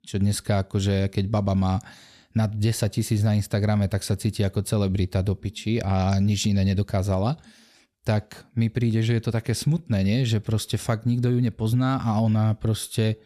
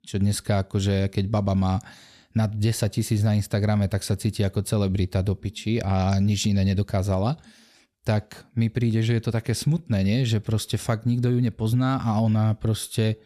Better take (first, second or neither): neither